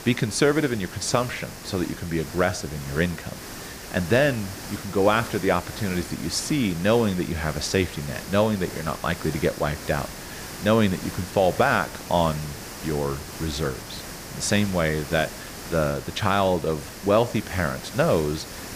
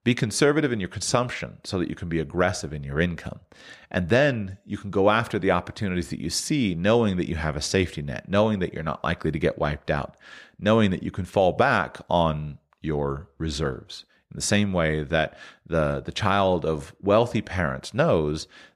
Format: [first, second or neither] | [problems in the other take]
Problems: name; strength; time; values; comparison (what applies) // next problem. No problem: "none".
second | hiss; noticeable; throughout; 10 dB below the speech